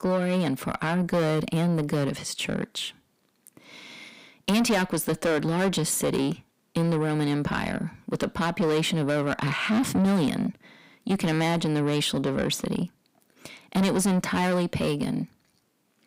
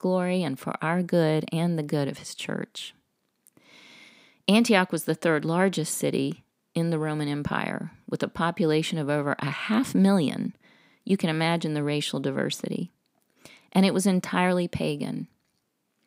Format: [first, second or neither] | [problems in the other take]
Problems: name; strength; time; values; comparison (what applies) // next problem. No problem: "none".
second | distortion; heavy; 7 dB below the speech